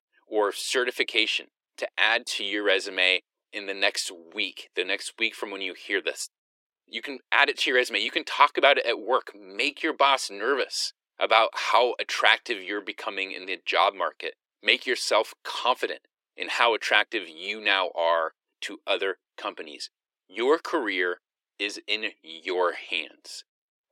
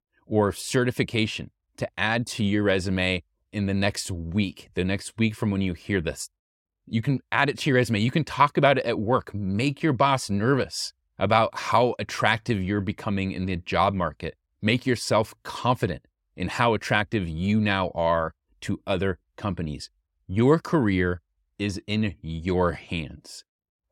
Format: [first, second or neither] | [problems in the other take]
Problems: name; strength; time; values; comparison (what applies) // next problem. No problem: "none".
second | thin; very; fading below 350 Hz